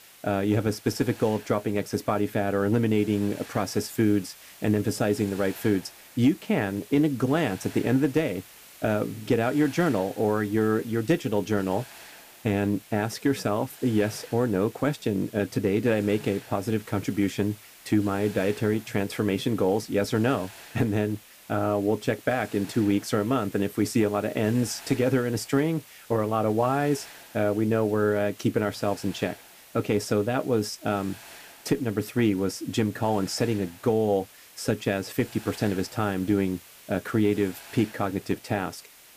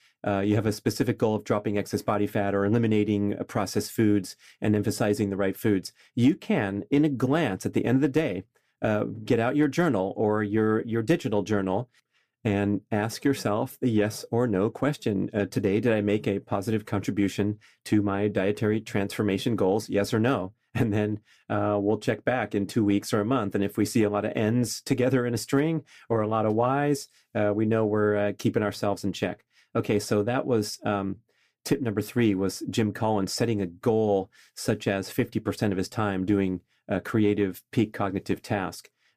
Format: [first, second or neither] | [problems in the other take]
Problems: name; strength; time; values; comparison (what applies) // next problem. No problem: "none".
second | hiss; noticeable; throughout; 20 dB below the speech